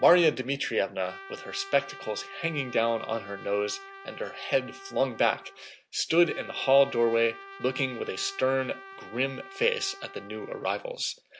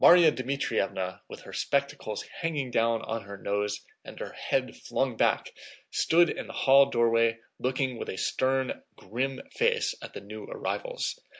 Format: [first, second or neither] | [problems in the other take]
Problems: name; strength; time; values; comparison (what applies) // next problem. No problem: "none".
second | background sound (Trumpet); 17 dB below the speech